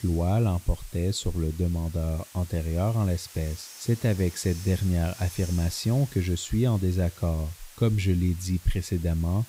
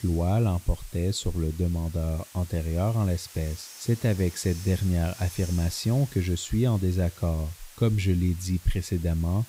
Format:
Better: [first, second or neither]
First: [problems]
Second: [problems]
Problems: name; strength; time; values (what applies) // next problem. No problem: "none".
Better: neither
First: hiss; noticeable; throughout; 15 dB below the speech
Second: hiss; noticeable; throughout; 15 dB below the speech